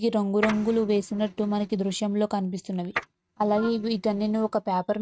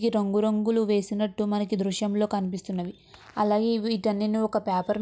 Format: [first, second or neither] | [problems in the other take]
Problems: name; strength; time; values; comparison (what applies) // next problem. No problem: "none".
second | noise reduction (neural mask model RNNoise)